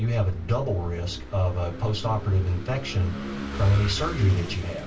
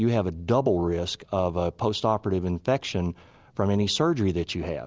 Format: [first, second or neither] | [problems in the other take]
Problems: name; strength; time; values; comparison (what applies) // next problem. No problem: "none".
second | background sound (Engine / Vehicle); 10 dB below the speech // room echo; dies away in 0.2 s